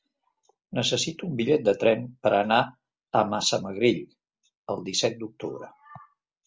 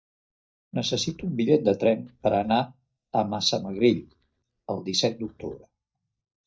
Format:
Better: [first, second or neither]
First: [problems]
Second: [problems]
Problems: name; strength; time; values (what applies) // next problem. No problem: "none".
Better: first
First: none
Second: noise reduction (neural mask model DeepFilterNet 3)